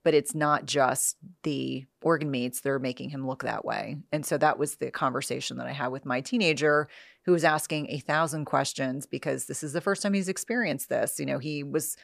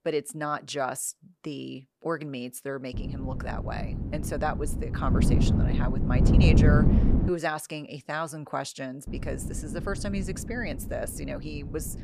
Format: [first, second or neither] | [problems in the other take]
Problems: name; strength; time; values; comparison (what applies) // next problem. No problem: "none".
first | wind noise on the microphone; heavy; from 3 to 7.5 s and from 9 s on; 2 dB below the speech